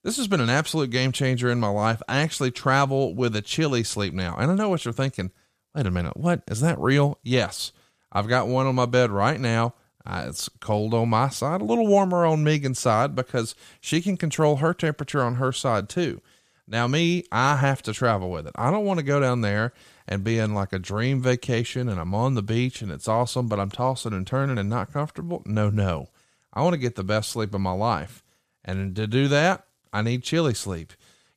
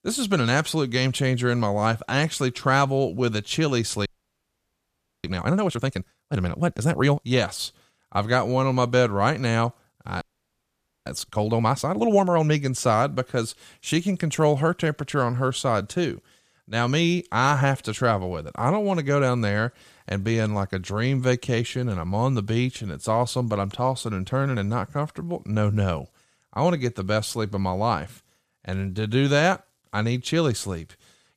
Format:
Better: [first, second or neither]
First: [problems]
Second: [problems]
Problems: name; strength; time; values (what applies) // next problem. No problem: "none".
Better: first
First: none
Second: audio freezing; at 4 s for 1 s and at 10 s for 1 s